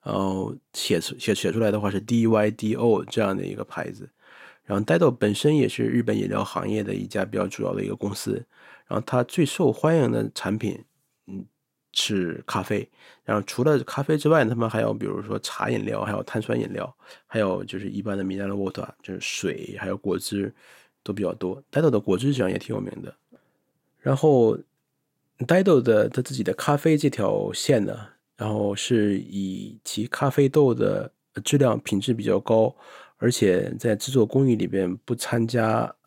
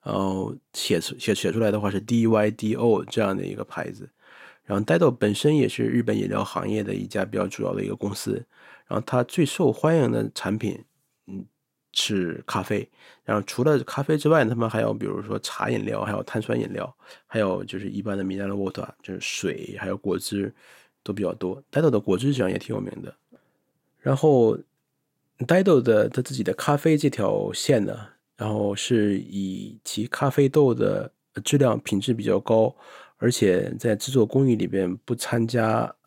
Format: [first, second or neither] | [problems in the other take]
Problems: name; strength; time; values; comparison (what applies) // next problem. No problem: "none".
neither | none